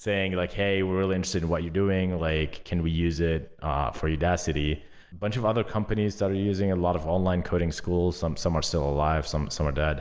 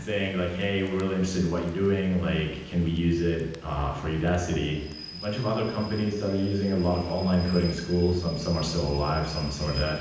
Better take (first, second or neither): first